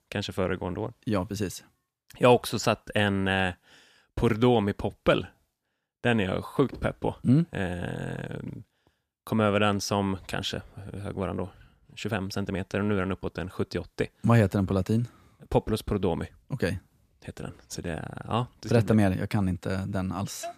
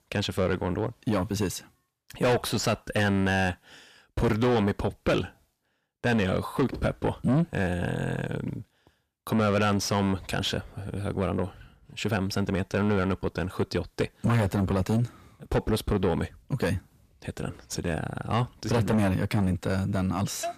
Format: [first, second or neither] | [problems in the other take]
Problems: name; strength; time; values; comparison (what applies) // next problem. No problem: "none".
first | distortion; heavy; 7 dB below the speech